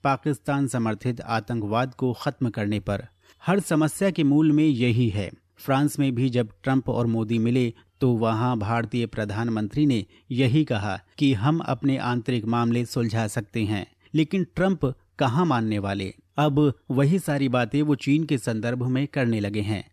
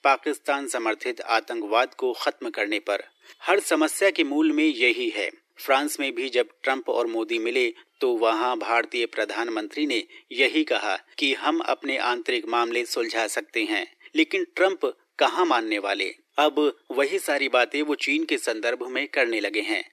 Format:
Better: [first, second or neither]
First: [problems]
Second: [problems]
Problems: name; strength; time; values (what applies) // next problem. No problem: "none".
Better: first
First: none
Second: thin; very; fading below 350 Hz